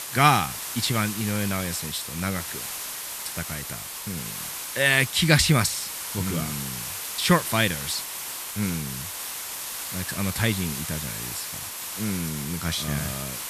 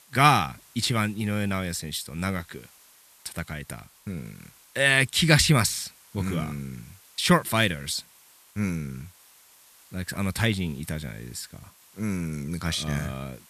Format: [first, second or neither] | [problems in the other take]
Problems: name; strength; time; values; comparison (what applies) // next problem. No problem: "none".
second | hiss; loud; throughout; 6 dB below the speech; faint in the second